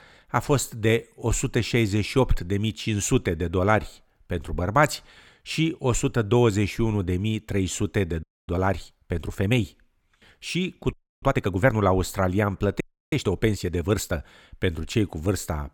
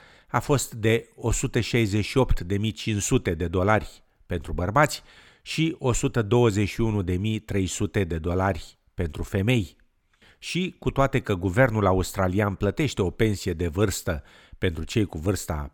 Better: second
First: audio freezing; at 8 s, at 11 s and at 13 s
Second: none

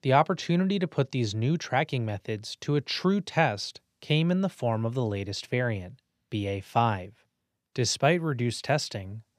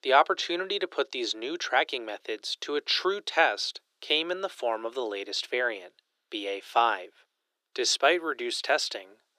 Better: first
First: none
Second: thin; very; fading below 350 Hz

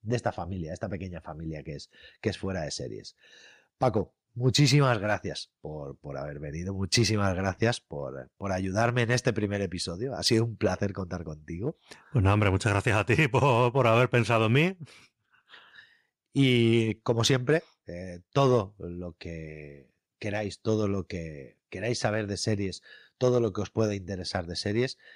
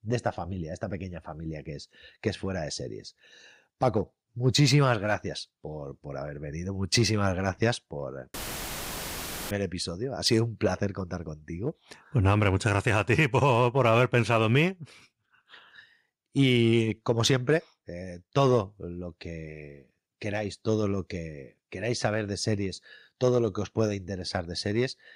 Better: first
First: none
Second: audio cutting out; filled with static; at 8.5 s for 1 s

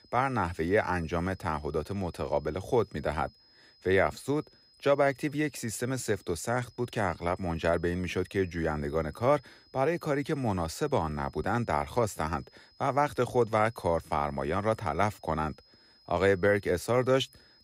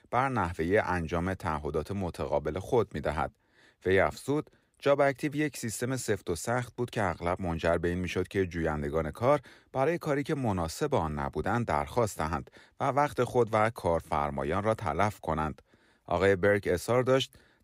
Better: second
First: high-pitched whine; faint; throughout; 5 kHz, 30 dB below the speech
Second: none

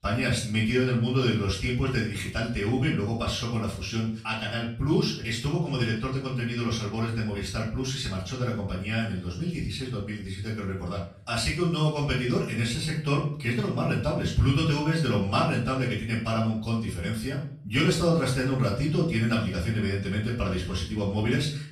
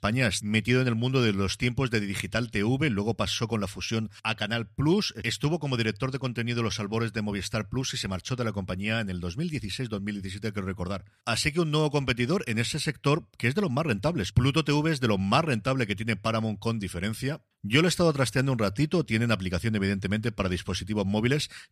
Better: second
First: off-mic speech; far // room echo; noticeable; dies away in 0.4 s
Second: none

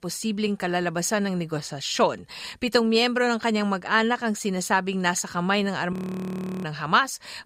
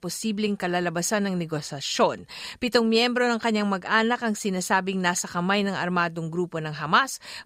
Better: second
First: audio freezing; at 6 s for 0.5 s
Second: none

